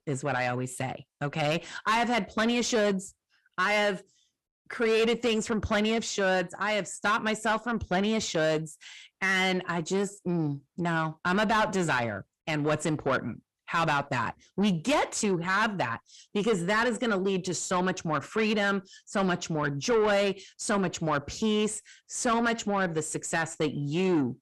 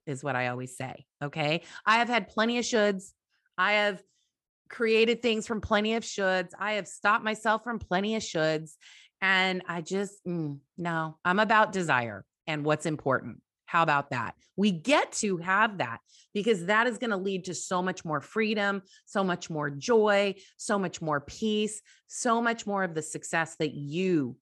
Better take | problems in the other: second | distortion; heavy; 8 dB below the speech

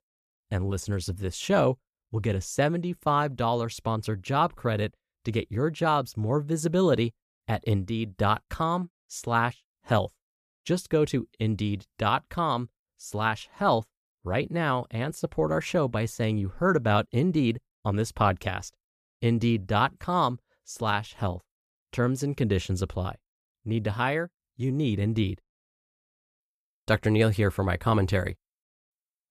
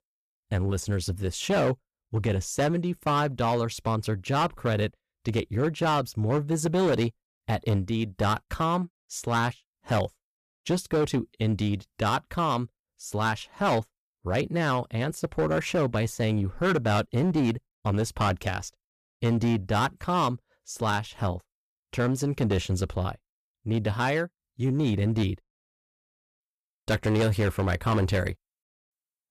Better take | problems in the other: first | distortion; slight; 8% of the sound clipped

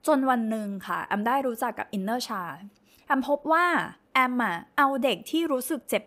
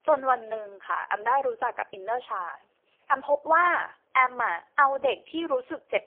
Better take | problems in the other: first | phone-call audio; poor line; nothing above 3.5 kHz

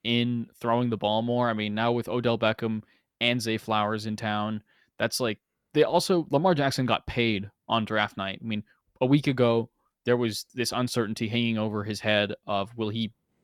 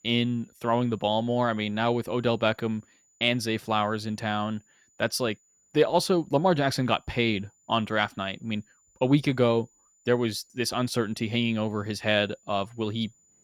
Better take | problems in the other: first | high-pitched whine; faint; throughout; 7 kHz, 35 dB below the speech

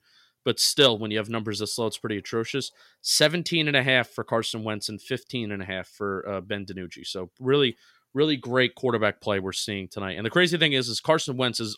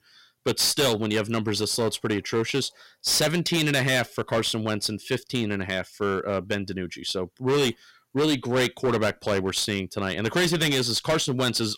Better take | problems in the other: first | distortion; heavy; 12% of the sound clipped

